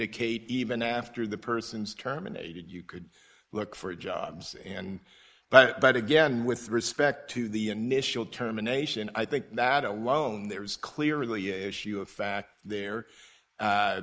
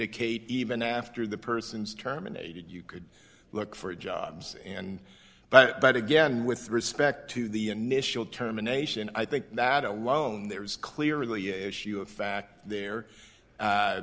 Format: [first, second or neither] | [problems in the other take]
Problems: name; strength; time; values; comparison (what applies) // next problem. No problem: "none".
second | noise reduction (neural mask model Resemble Enhance denoiser)